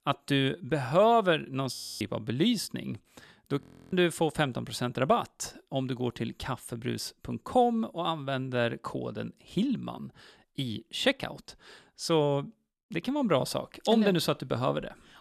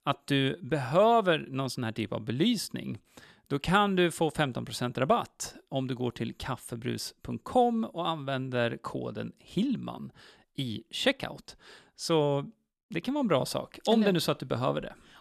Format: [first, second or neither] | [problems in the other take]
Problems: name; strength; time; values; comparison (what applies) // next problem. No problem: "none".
second | audio freezing; at 1.5 s and at 3.5 s